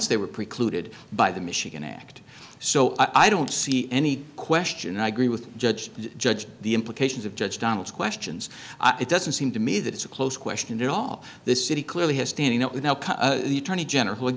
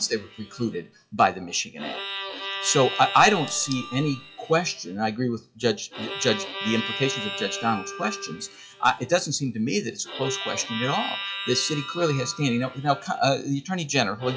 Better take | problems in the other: first | noise reduction (classical method WPE with log-MMSE)

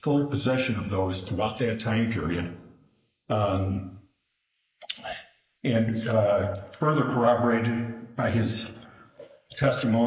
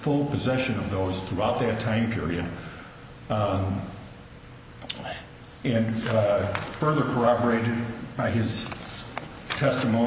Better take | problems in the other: second | noise reduction (neural mask model Resemble Enhance denoiser)

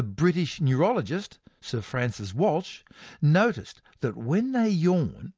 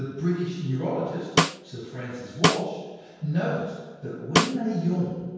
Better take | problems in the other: first | background sound (Snare drum); 2 dB above the speech // room echo; dies away in 1.2 s

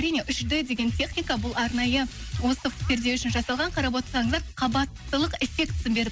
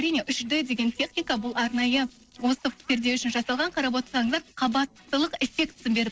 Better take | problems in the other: first | noise reduction (neural separator model SepFormer DNS4)

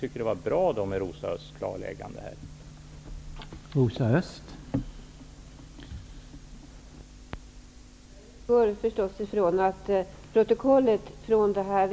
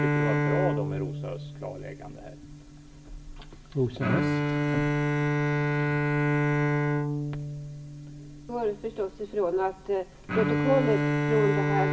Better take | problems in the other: first | background sound (Bowed string instrument); 4 dB above the speech // room echo; dies away in 0.5 s

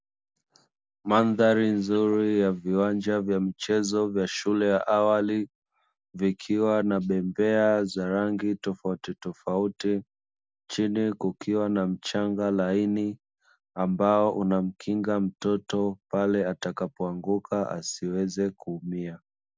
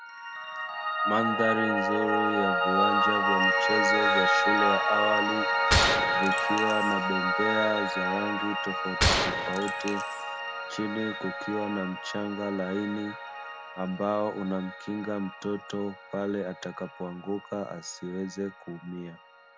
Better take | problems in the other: first | background sound (Gunshot, gunfire + Piano); 3 dB above the speech

